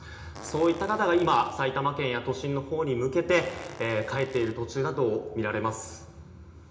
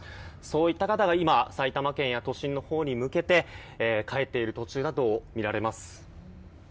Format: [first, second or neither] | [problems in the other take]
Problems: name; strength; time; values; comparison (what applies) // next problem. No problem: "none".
second | background sound (Fart); 19 dB below the speech // room echo; dies away in 0.8 s